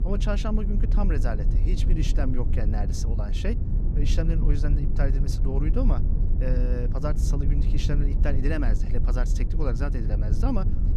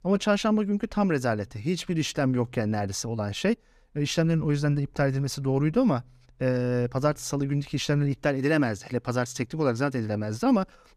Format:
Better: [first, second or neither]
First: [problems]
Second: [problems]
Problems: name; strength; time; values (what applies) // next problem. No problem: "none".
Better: second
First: low rumble; loud; throughout; 6 dB below the speech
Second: none